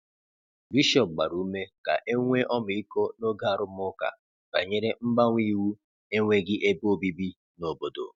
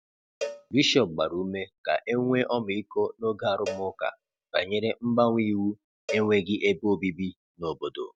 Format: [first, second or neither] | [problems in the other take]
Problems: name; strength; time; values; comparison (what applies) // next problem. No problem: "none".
first | background sound (Cowbell); 15 dB below the speech